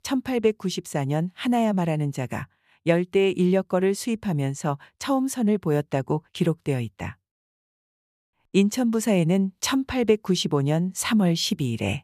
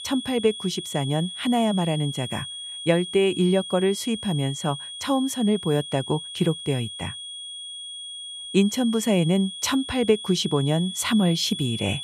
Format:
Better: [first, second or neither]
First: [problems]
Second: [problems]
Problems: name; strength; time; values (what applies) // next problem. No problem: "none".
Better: first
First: none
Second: high-pitched whine; loud; throughout; 3.5 kHz, 9 dB below the speech